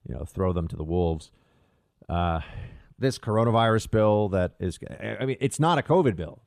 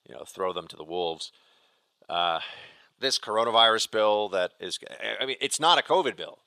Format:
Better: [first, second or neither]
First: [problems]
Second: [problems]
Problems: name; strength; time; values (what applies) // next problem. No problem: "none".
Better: first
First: none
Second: thin; very; fading below 600 Hz